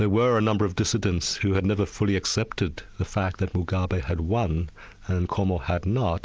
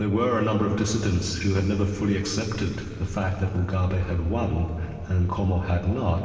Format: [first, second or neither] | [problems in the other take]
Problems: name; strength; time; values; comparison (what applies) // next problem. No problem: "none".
first | room echo; dies away in 2.4 s